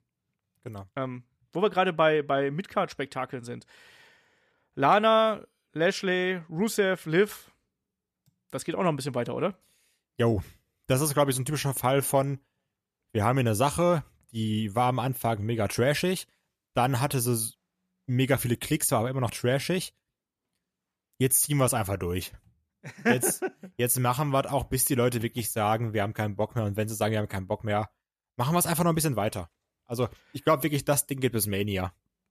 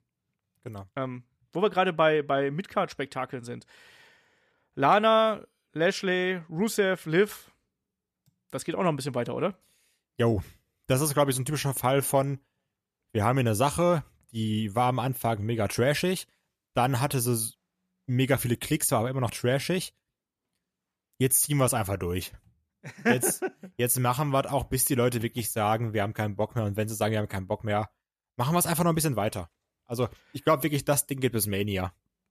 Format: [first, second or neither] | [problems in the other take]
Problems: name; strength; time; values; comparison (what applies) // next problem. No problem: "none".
neither | none